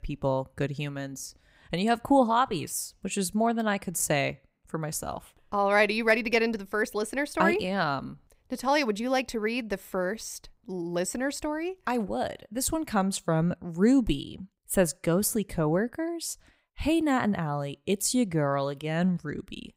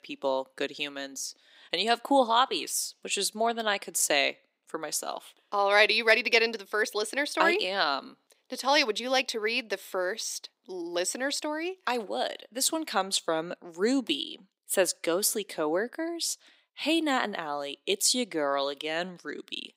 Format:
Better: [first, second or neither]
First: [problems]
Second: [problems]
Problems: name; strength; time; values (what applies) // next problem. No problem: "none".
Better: first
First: none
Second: thin; somewhat; fading below 300 Hz